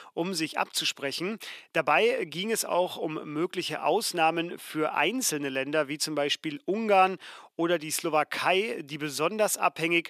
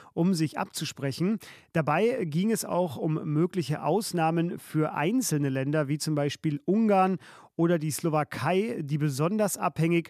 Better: second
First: thin; somewhat; fading below 400 Hz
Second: none

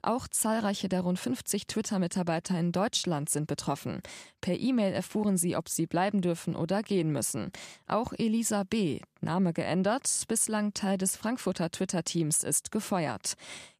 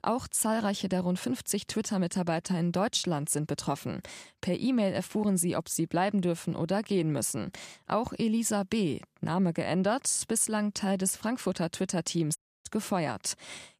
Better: first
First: none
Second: audio cutting out; at 12 s

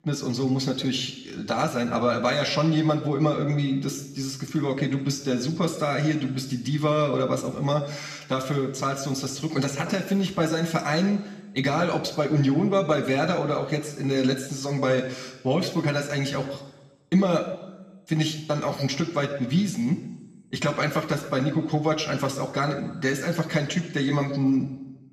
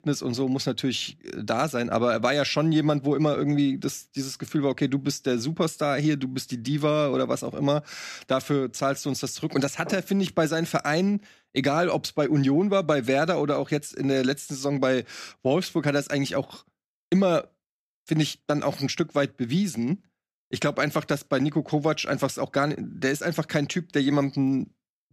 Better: second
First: room echo; slight; dies away in 1 s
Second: none

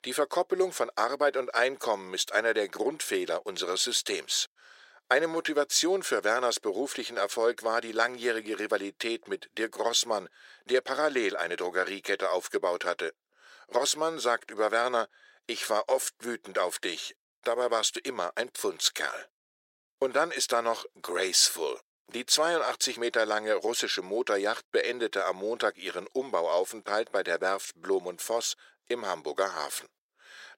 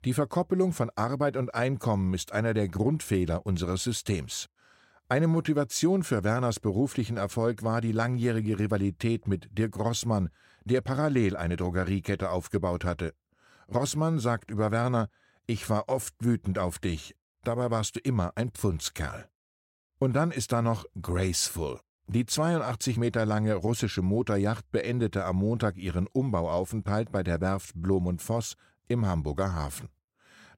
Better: second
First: thin; very; fading below 400 Hz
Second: none

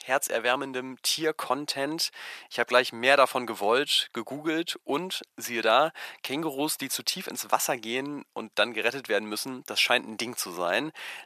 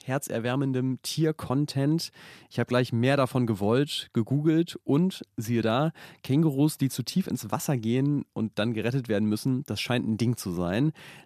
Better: second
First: thin; very; fading below 700 Hz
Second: none

